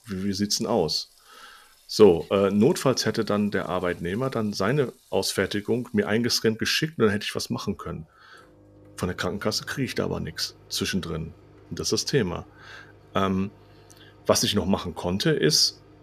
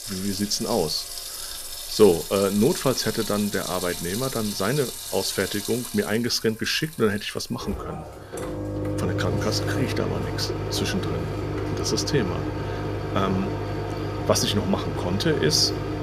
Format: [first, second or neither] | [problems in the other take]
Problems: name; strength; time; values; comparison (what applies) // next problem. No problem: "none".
first | household noises; loud; throughout; 5 dB below the speech; faint in the first